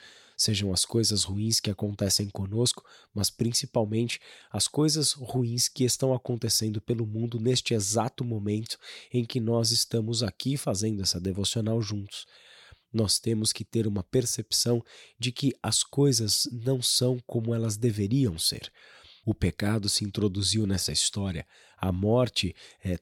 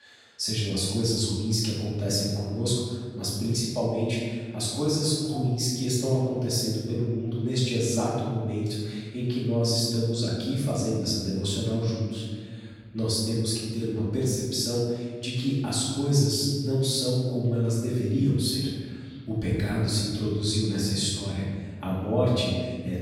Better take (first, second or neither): first